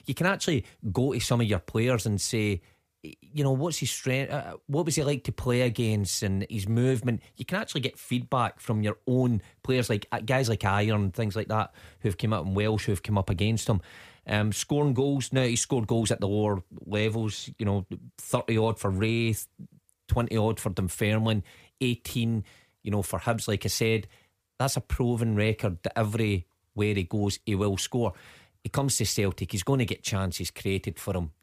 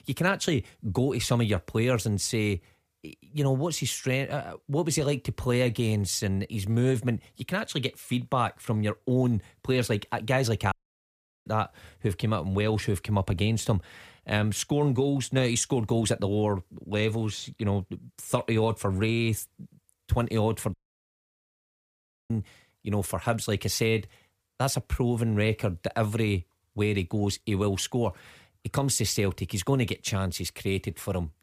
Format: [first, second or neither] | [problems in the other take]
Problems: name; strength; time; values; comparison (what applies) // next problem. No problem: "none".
first | audio cutting out; at 11 s for 0.5 s and at 21 s for 1.5 s